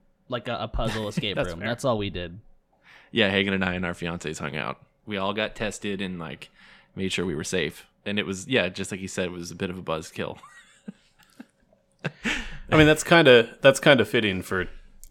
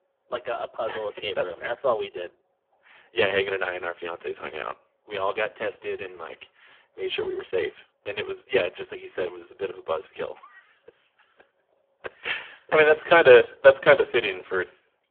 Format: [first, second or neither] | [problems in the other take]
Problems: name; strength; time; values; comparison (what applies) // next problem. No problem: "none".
first | phone-call audio; poor line